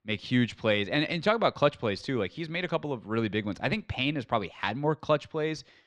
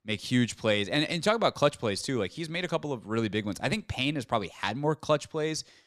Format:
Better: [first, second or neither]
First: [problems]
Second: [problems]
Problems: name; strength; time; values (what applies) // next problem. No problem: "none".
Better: second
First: muffled; very slightly; fading above 3 kHz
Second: none